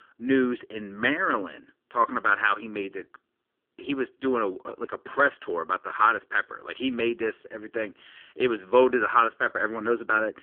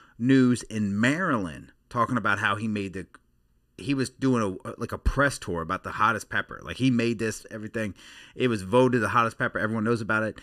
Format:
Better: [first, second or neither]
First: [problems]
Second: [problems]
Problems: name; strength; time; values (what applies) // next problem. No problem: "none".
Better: second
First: phone-call audio; poor line; nothing above 3.5 kHz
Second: none